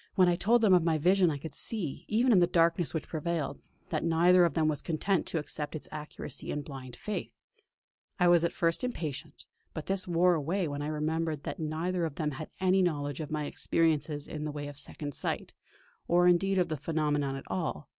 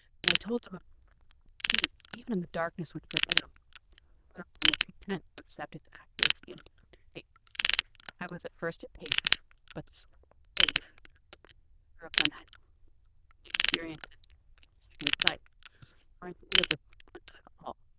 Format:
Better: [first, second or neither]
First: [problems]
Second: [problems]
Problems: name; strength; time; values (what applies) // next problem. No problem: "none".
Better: first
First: none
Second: noise reduction (neural diffusion model UNIVERSE++)